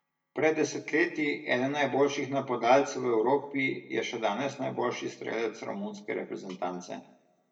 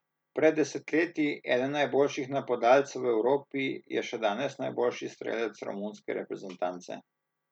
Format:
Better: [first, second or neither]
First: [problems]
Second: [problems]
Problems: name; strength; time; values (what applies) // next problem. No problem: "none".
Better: second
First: room echo; dies away in 0.6 s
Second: none